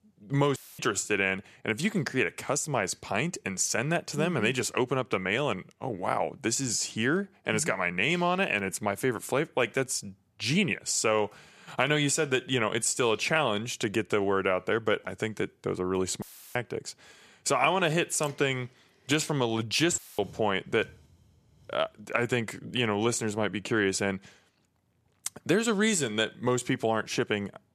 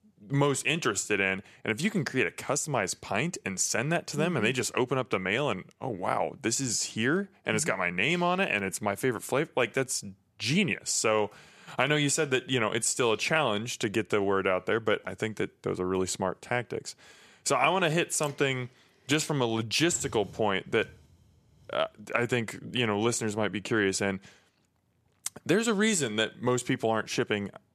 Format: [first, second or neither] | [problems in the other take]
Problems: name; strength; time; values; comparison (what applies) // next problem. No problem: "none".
second | audio cutting out; filled with static; at 0.5 s, at 16 s and at 20 s